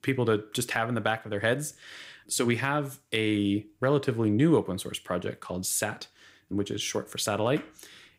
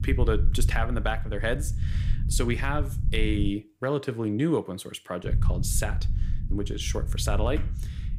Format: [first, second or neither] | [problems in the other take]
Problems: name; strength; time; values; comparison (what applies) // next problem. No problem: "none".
first | low rumble; noticeable; until 3.5 s and from 5.5 s on; 15 dB below the speech